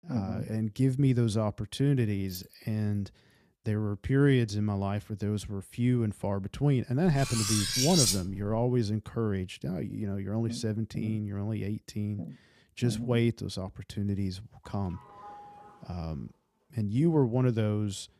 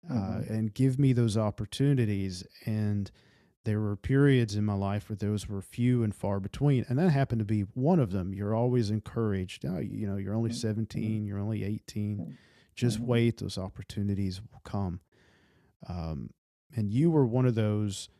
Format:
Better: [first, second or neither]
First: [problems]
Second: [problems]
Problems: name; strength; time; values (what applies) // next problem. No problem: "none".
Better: second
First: jangling keys; faint; at 2.5 s; peak 15 dB below the speech // clattering dishes; loud; from 7 to 8.5 s; peak 6 dB above the speech // doorbell; faint; from 15 to 16 s; peak 15 dB below the speech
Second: none